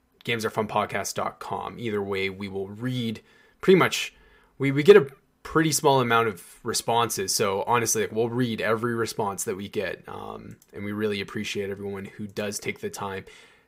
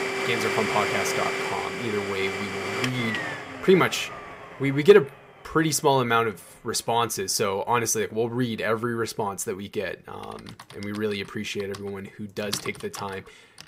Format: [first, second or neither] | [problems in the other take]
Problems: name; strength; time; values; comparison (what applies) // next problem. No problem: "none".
first | household noises; loud; throughout; 4 dB below the speech